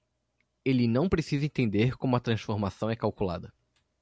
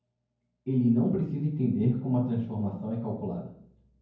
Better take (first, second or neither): first